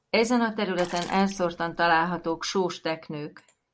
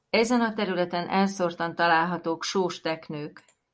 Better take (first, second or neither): second